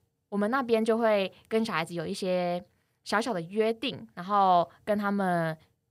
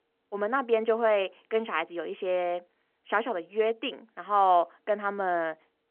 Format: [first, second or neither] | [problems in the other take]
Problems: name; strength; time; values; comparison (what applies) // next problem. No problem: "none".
first | phone-call audio